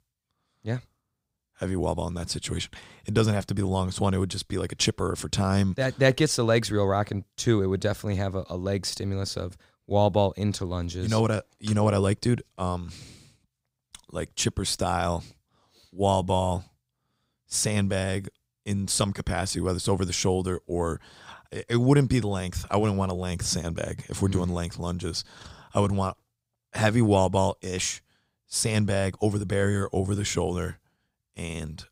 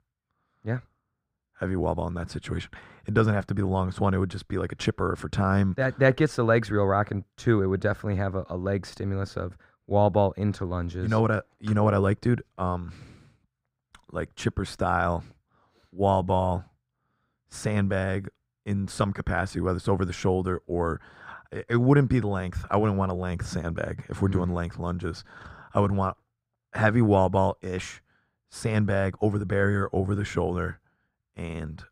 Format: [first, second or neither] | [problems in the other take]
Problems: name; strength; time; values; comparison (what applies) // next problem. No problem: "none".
first | muffled; slightly; fading above 3 kHz